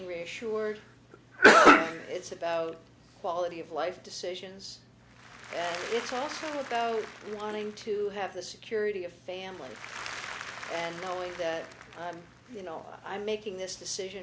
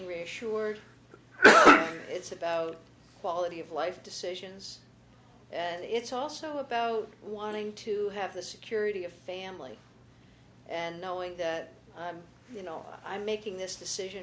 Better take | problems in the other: second | background sound (Applause / Crowd); 14 dB below the speech

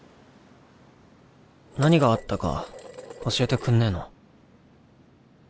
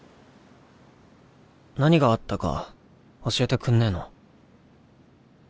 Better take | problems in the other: second | background sound (Dishes, pots, and pans); 14 dB below the speech

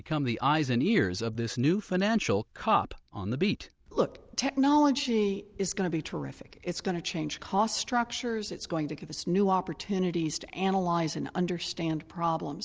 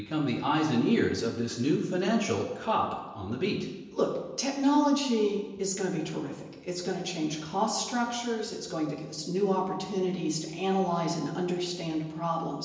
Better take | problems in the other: first | room echo; dies away in 1 s

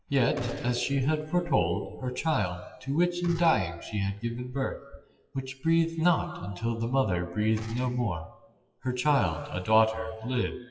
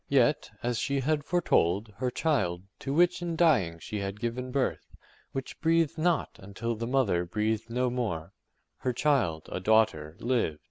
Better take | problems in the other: second | noise reduction (classical method WPE with log-MMSE)

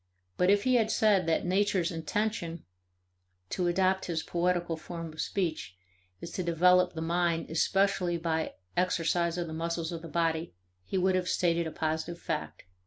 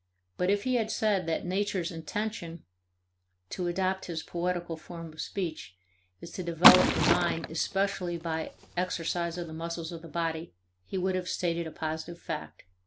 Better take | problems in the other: first | background sound (Liquid); 3 dB above the speech

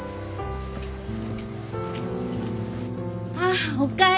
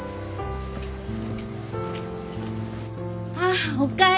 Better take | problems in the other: second | background sound (Electric guitar / Strum); 7 dB below the speech

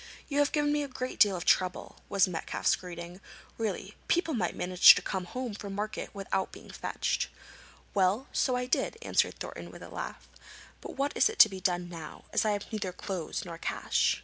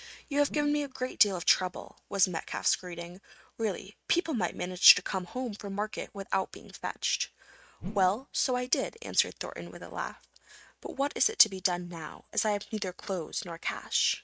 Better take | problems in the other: first | noise reduction (neural mask model RNNoise)

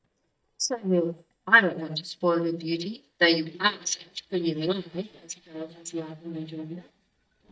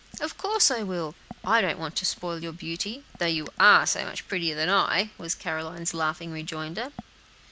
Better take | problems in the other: second | noise reduction (neural mask model DeepFilterNet 3)

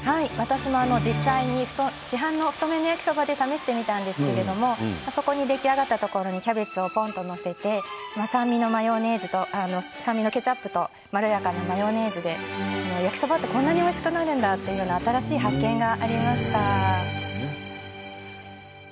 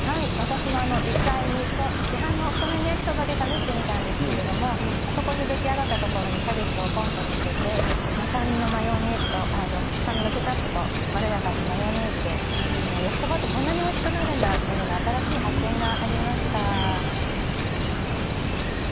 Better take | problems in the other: first | background sound (Chirp, tweet); 4 dB above the speech

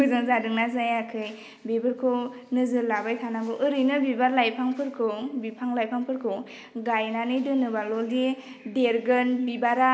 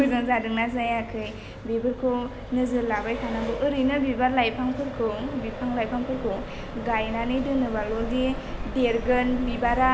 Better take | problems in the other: first | background sound (Accelerating, revving, vroom); 8 dB below the speech

